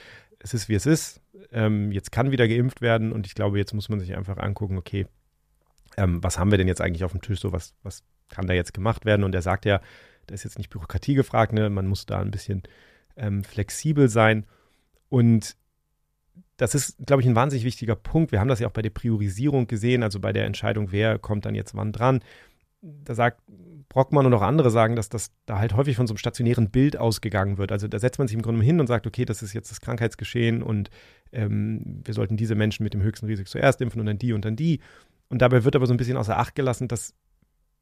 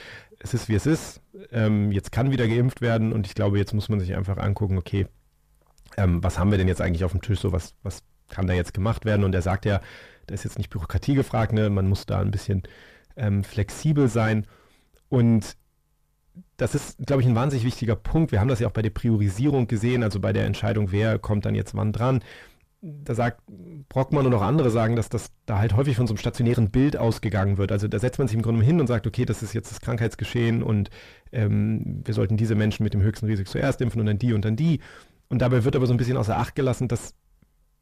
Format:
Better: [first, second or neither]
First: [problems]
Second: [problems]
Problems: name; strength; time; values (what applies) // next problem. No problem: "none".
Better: first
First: none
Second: distortion; heavy; 6 dB below the speech